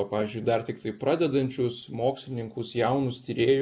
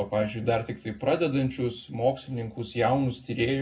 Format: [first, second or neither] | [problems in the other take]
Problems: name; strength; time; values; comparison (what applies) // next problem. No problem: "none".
first | room echo; dies away in 0.3 s